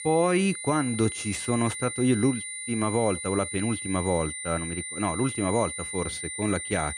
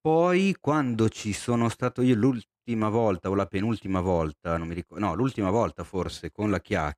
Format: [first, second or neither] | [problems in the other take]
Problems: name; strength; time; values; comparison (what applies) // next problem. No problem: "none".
second | high-pitched whine; loud; throughout; 9 kHz, 5 dB below the speech